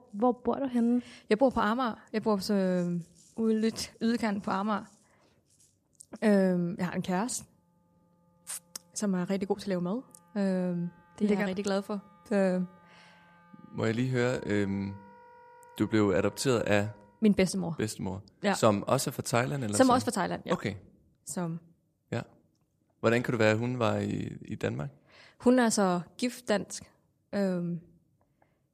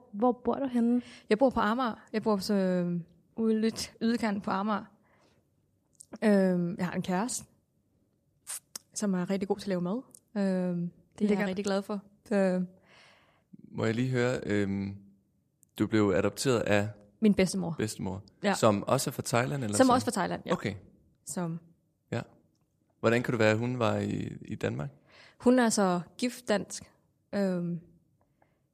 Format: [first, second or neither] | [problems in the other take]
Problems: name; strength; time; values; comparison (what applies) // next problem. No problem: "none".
second | background music; faint; until 17 s; 30 dB below the speech